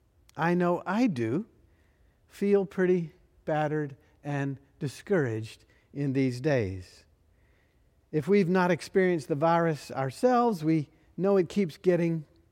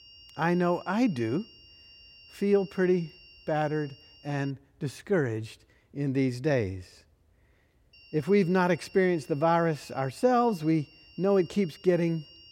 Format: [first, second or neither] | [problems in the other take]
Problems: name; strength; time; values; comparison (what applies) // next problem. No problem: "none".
first | high-pitched whine; faint; until 4.5 s and from 8 s on; 3 kHz, 25 dB below the speech